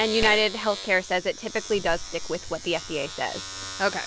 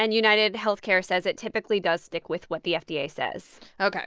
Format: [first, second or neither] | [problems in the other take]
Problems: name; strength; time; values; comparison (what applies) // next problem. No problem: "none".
second | background sound (Domestic sounds, home sounds); 8 dB below the speech